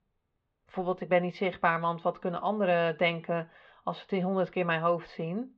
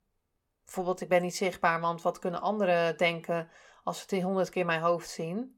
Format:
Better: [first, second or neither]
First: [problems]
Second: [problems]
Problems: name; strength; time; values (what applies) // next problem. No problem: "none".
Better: second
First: muffled; slightly; fading above 3.5 kHz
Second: none